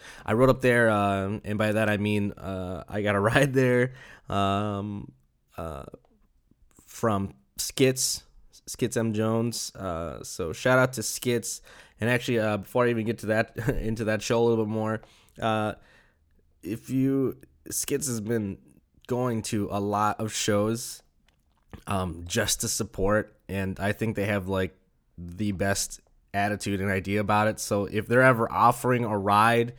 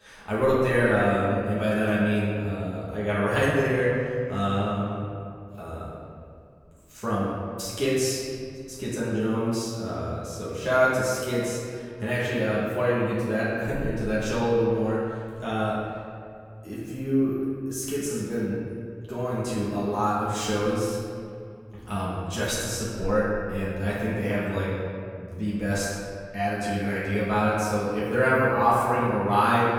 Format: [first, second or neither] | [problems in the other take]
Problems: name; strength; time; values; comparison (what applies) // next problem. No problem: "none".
first | room echo; strong; dies away in 2.1 s // off-mic speech; far